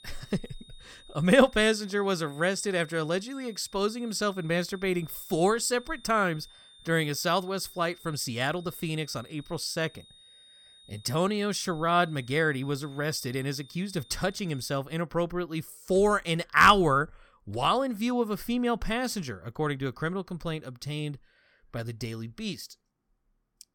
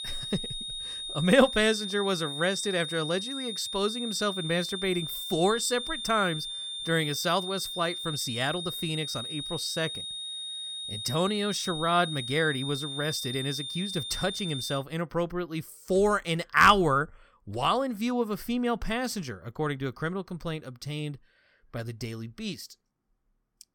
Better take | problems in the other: first | high-pitched whine; loud; until 15 s; 3.5 kHz, 5 dB below the speech; faint in the first

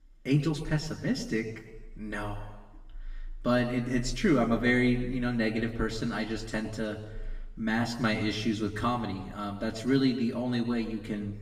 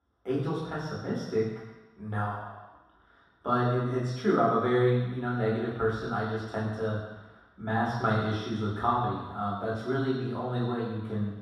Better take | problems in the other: first | room echo; strong; dies away in 1.2 s; slight in the first // off-mic speech; far; far in the first

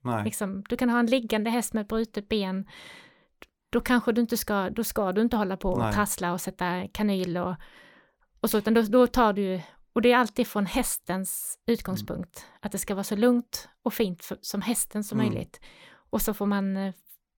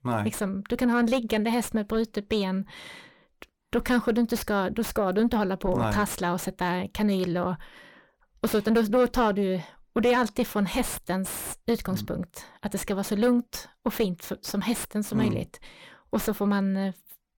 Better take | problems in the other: first | distortion; slight; 9 dB below the speech

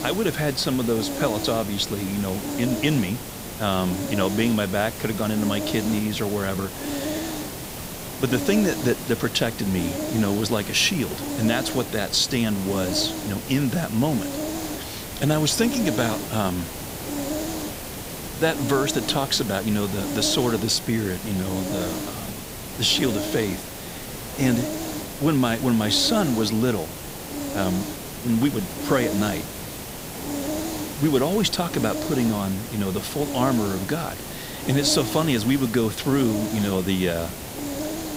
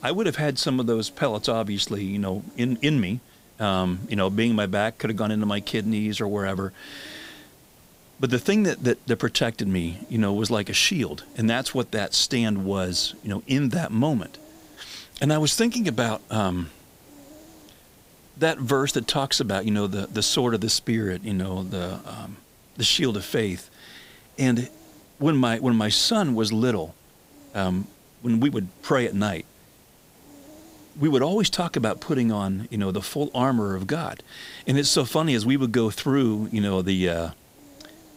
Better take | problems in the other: second | hiss; loud; throughout; 7 dB below the speech; faint in the second

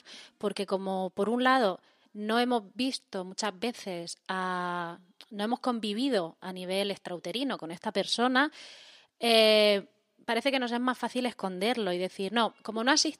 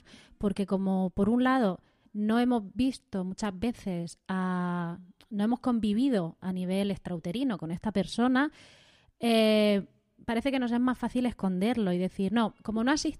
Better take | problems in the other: second | thin; somewhat; fading below 400 Hz

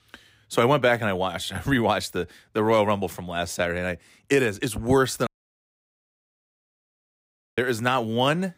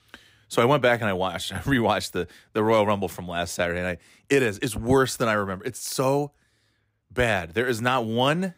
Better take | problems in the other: second | audio cutting out; at 5.5 s for 2.5 s

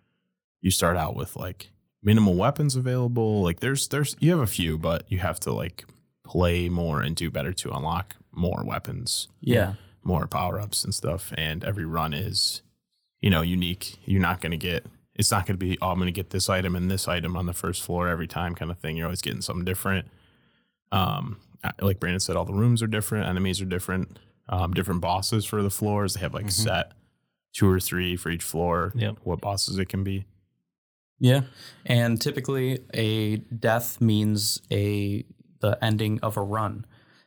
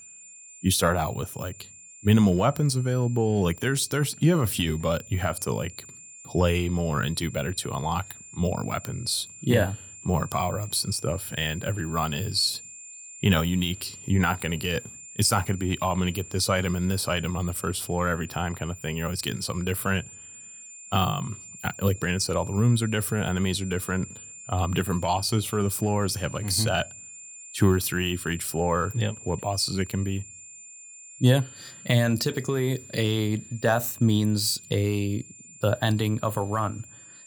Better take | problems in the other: first | high-pitched whine; noticeable; throughout; 7 kHz, 15 dB below the speech

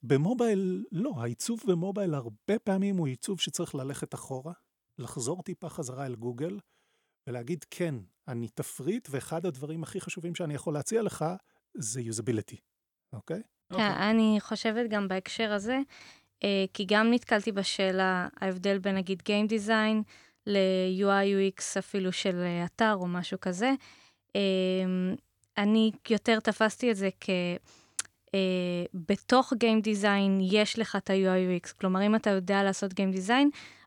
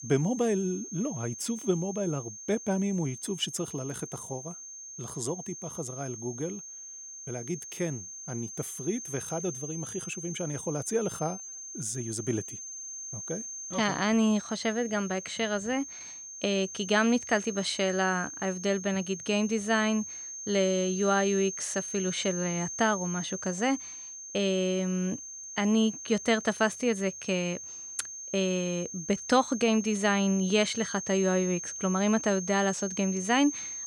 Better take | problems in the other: first | high-pitched whine; loud; throughout; 6.5 kHz, 8 dB below the speech

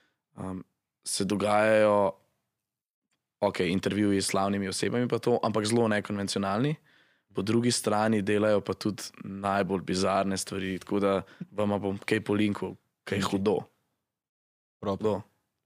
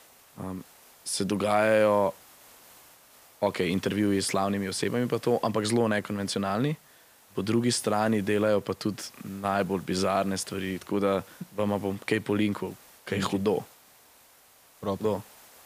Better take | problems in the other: first | hiss; faint; throughout; 25 dB below the speech

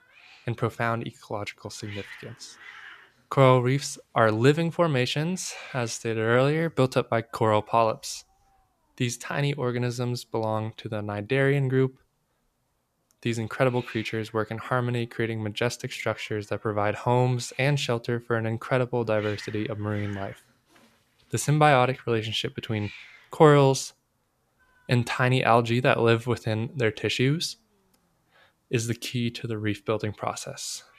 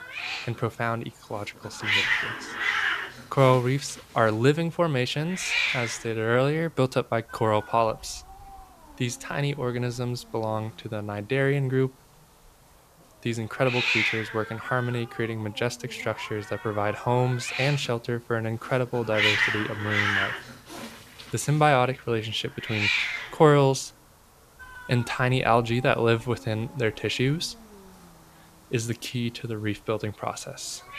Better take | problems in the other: first | hiss; loud; throughout; 1 dB below the speech; faint in the first

